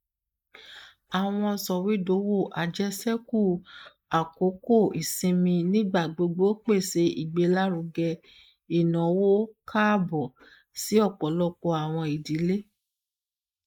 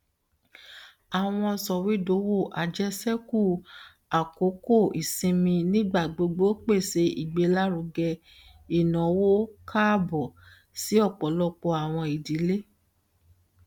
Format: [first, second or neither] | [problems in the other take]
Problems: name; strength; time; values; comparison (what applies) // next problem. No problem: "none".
second | noise reduction (neural mask model Resemble Enhance denoiser)